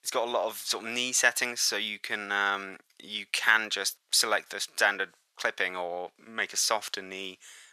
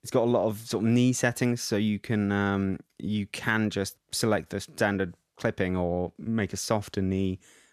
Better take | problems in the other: second | thin; very; fading below 950 Hz

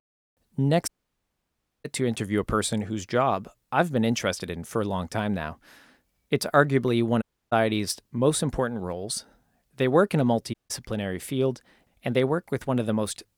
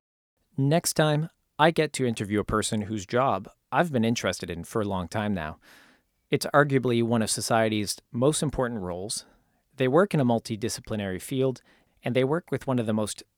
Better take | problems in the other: second | audio cutting out; at 1 s for 1 s, at 7 s and at 11 s

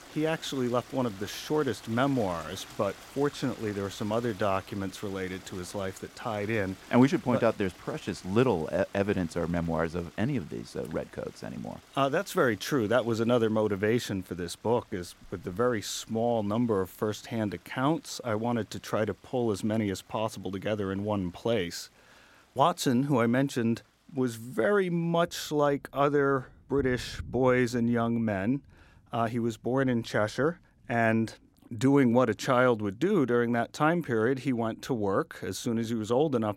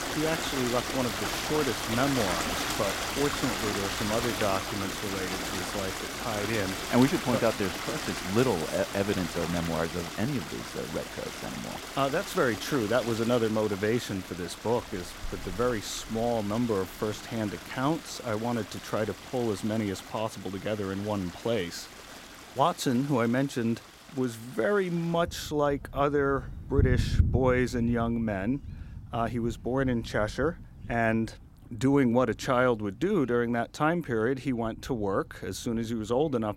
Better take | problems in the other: first | rain or running water; loud; throughout; 5 dB below the speech; faint in the first

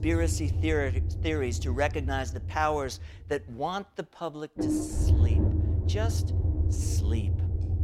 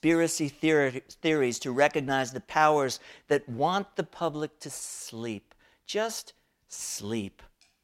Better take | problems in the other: second | low rumble; loud; throughout; 8 dB below the speech

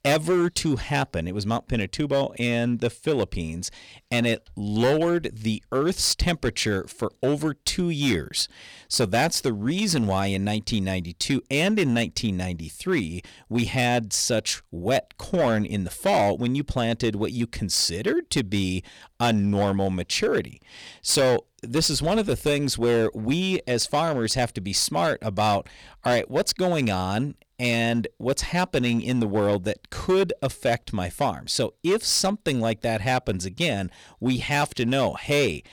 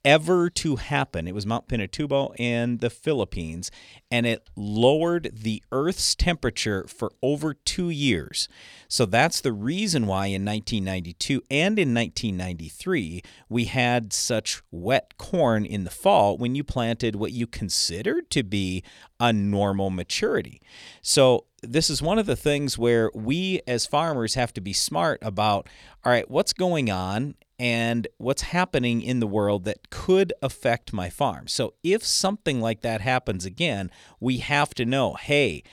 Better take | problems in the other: second | distortion; slight; 7% of the sound clipped

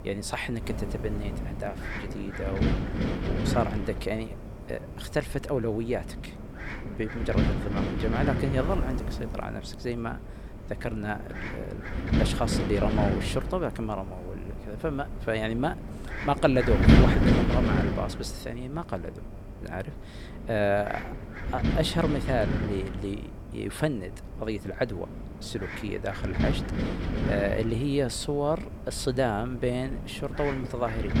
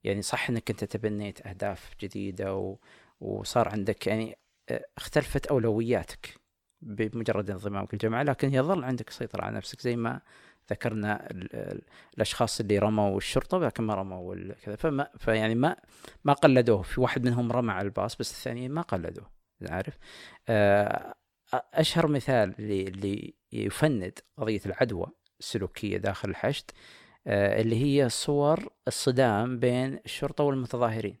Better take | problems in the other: second | wind noise on the microphone; heavy; 3 dB below the speech

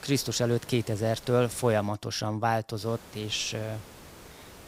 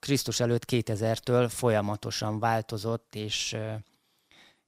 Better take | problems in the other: second | hiss; noticeable; until 2 s and from 3 s on; 20 dB below the speech

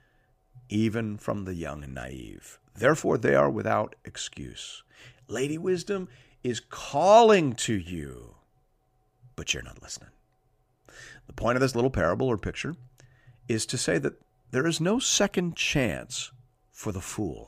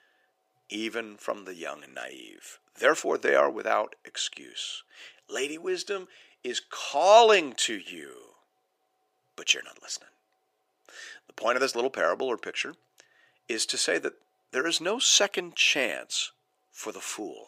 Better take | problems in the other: first | thin; somewhat; fading below 350 Hz

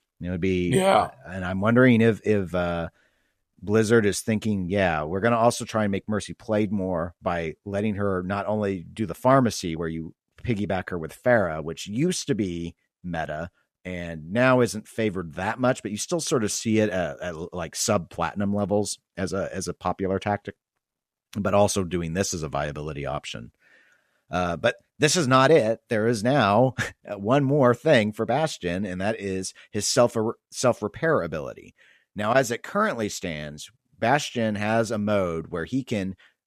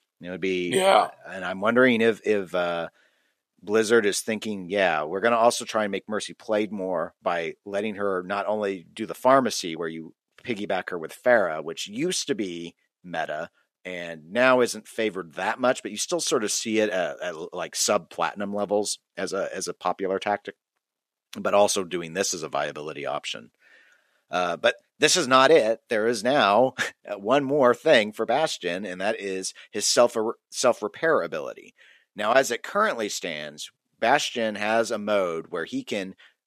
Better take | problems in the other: first | thin; very slightly; fading below 300 Hz

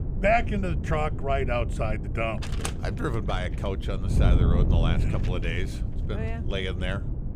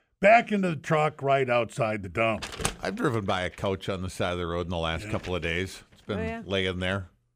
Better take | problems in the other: second | wind noise on the microphone; occasional gusts; 10 dB below the speech

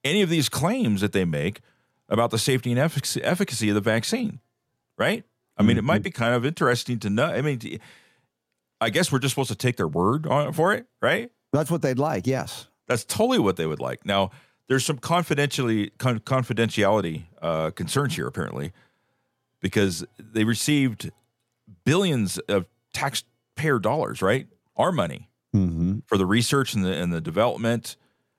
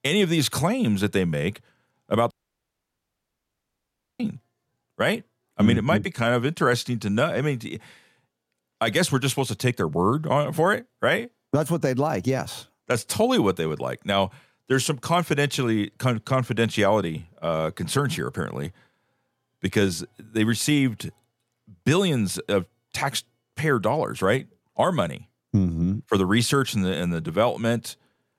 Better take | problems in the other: first | audio cutting out; at 2.5 s for 2 s

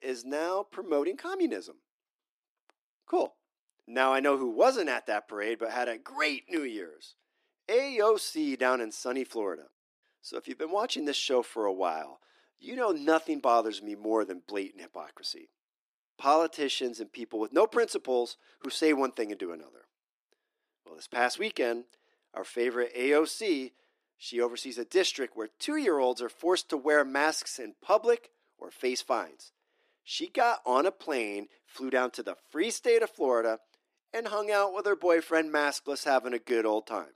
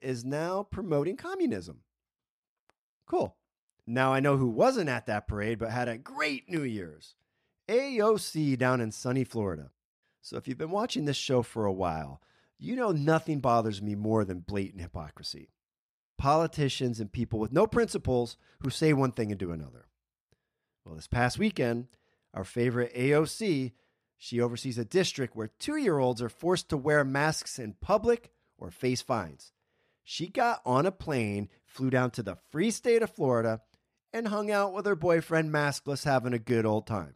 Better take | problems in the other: second | thin; somewhat; fading below 300 Hz

